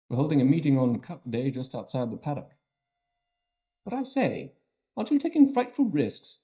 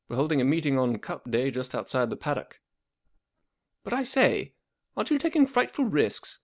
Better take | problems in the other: second | noise reduction (neural mask model DeepFilterNet 3)

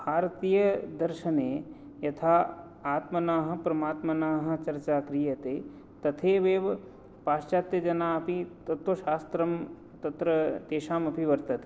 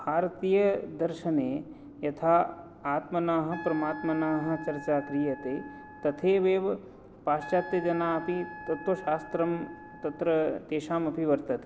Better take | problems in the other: first | background sound (Wind instrument, woodwind instrument); 15 dB below the speech

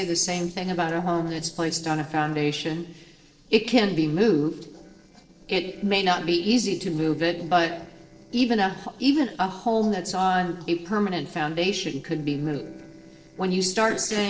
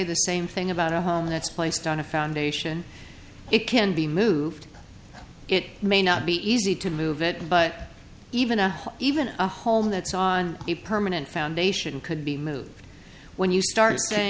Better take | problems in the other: second | noise reduction (neural separator model SepFormer DNS4)

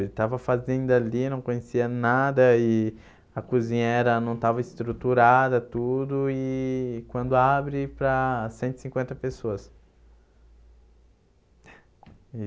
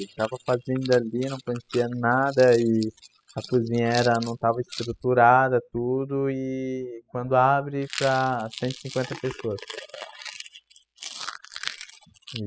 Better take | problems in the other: first | noise reduction (classical method spectral subtraction)

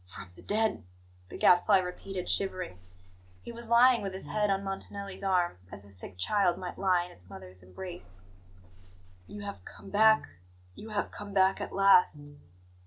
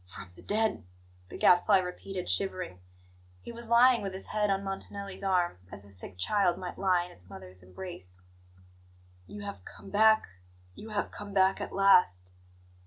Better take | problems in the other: second | background sound (Brass instrument + Bus / Engine); 18 dB below the speech

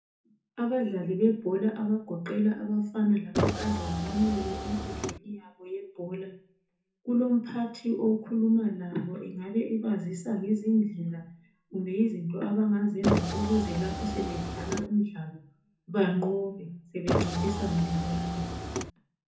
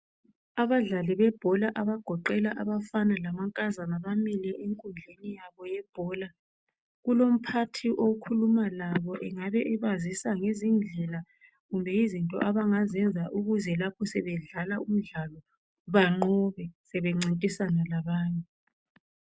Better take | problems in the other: second | background sound (Car); 2 dB below the speech // room echo; dies away in 0.6 s

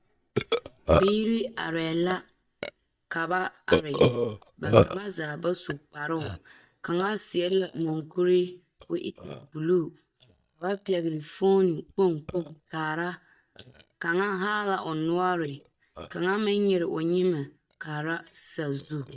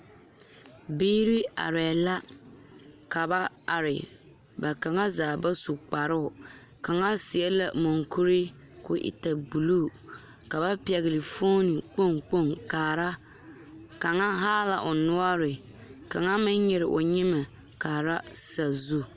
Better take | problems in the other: second | noise reduction (neural mask model DeepFilterNet 3)

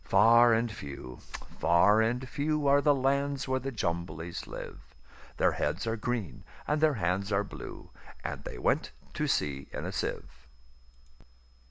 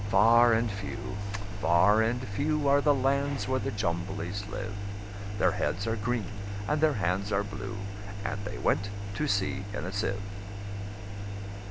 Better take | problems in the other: first | background sound (Engine); 5 dB below the speech

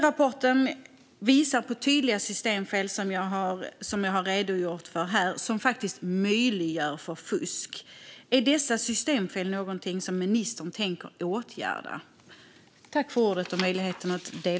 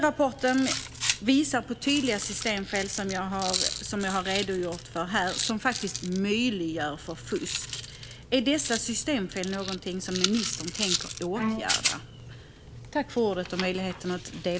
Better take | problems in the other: first | background sound (Bowed string instrument + Rattle); 6 dB below the speech

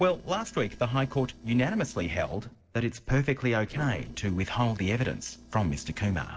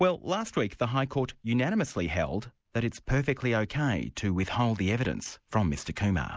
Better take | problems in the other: second | noise reduction (neural separator model SepFormer DNS4)

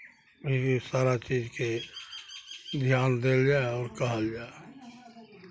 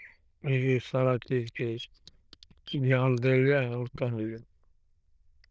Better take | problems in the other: first | noise reduction (neural diffusion model UNIVERSE++)

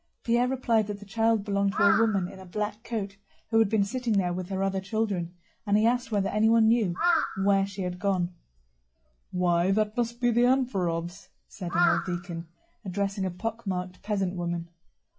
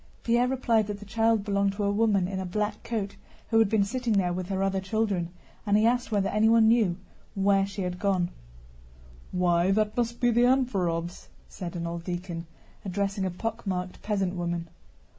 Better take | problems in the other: second | noise reduction (classical method log-MMSE)

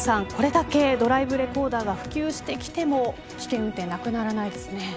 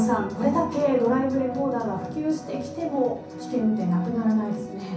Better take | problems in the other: first | background sound (Doorbell); 18 dB below the speech // room echo; dies away in 0.6 s

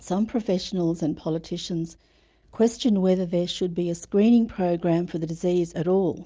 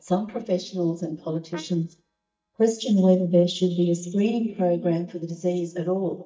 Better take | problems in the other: first | noise reduction (neural mask model DeepFilterNet 3)

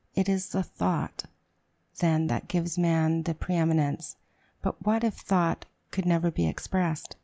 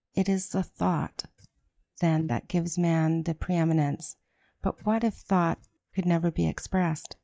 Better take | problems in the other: first | noise reduction (neural mask model DeepFilterNet 3)

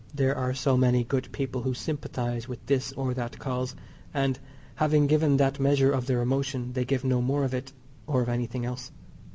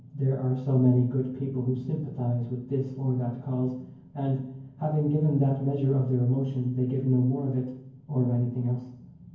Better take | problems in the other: first | room echo; dies away in 0.9 s

